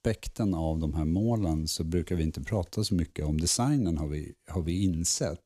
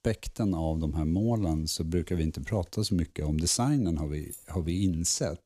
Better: first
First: none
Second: jangling keys; faint; at 4 s; peak 15 dB below the speech

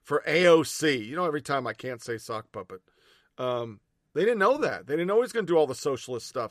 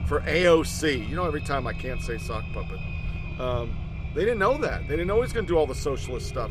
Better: first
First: none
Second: low rumble; noticeable; throughout; 15 dB below the speech

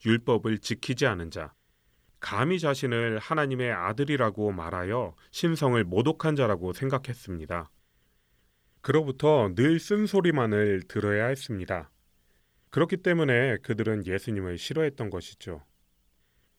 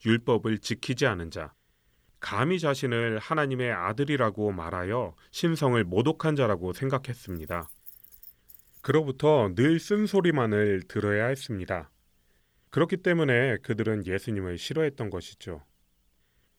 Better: first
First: none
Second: jangling keys; faint; from 7.5 to 9 s; peak 20 dB below the speech

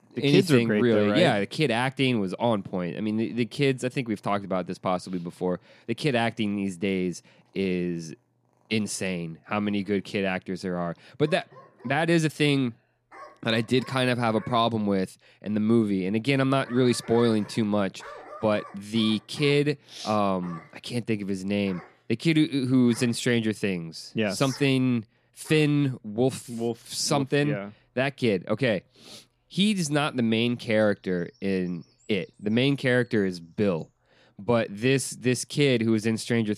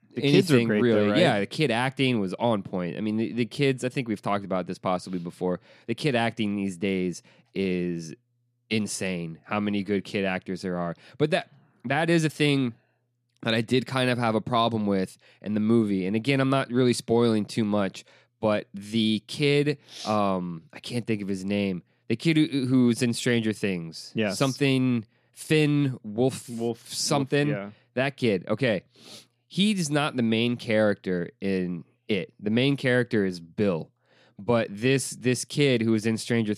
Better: second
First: animal sounds; faint; throughout; 20 dB below the speech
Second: none

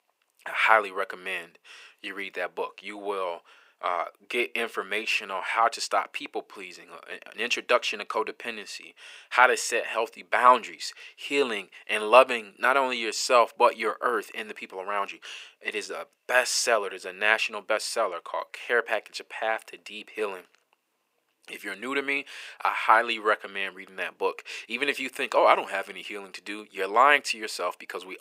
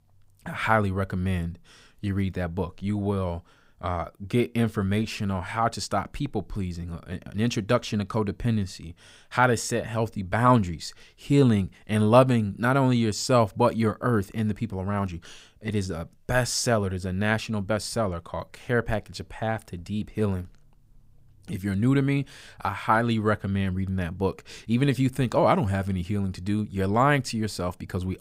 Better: second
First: thin; very; fading below 400 Hz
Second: none

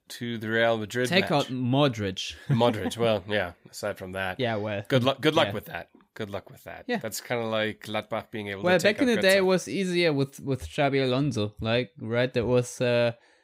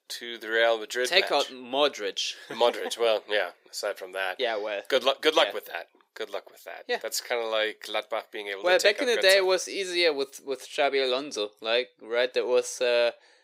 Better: first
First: none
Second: thin; very; fading below 400 Hz

